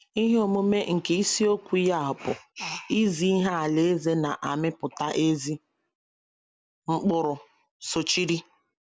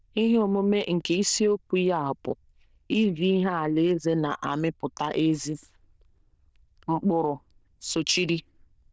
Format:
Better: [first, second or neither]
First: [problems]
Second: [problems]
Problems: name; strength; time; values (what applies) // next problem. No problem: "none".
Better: first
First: none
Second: noise reduction (neural diffusion model UNIVERSE++)